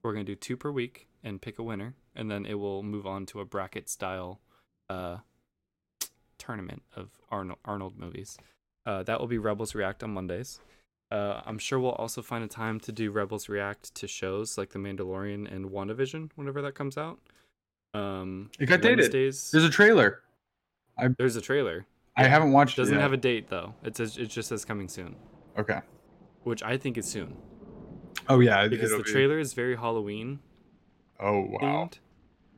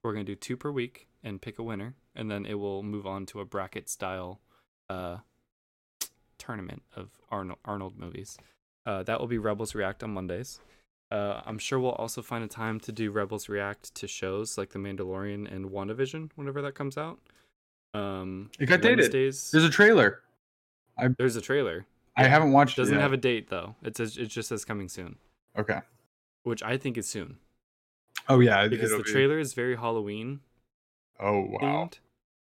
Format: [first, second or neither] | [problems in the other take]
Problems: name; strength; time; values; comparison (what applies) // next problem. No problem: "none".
second | rain or running water; faint; throughout; 25 dB below the speech